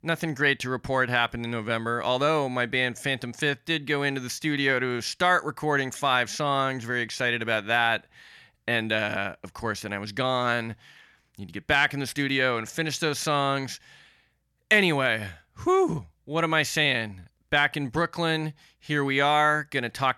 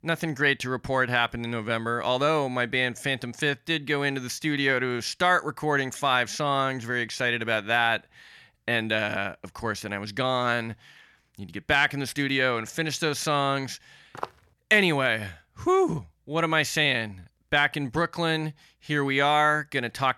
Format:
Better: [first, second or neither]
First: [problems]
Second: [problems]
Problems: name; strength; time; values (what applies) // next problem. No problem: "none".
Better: first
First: none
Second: footsteps; faint; at 14 s; peak 15 dB below the speech